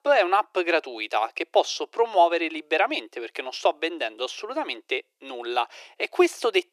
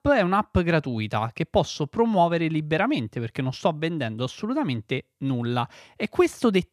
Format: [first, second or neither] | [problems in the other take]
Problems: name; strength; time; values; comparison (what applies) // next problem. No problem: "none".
second | thin; very; fading below 350 Hz